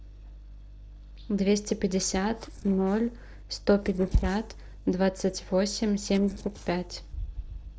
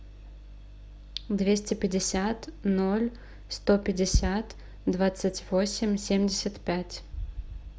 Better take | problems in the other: second | noise reduction (neural separator model SepFormer DNS4)

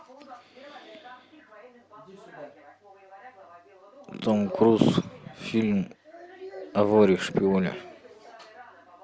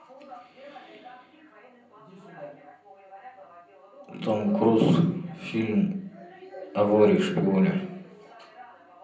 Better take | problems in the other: first | room echo; dies away in 0.6 s

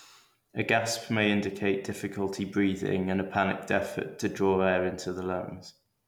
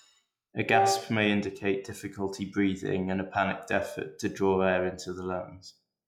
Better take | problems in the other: first | noise reduction (classical method log-MMSE)

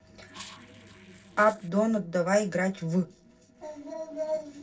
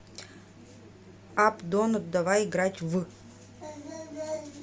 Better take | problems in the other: second | noise reduction (neural separator model SepFormer DNS4)

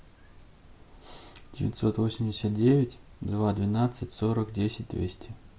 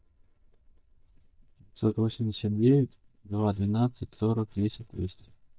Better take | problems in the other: first | noise reduction (neural mask model DeepFilterNet 3)

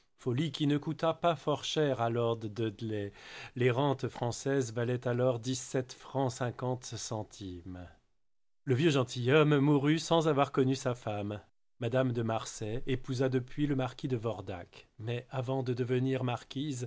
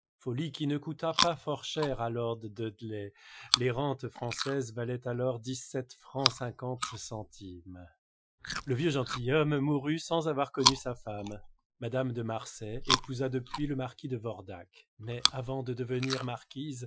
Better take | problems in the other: first | noise reduction (classical method Wiener filter)

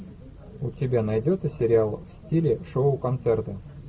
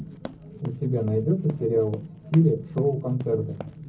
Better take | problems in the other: first | background sound (Run); 17 dB below the speech // room echo; dies away in 0.4 s

